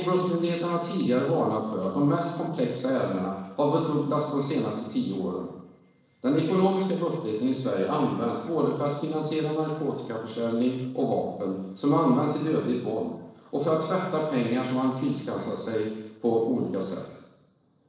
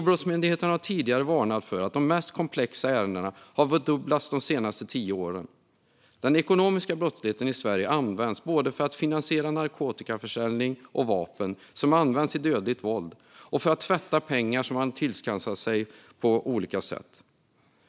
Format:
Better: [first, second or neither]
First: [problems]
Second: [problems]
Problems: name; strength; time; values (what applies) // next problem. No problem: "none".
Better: second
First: noise reduction (neural separator model SepFormer DNS4)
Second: none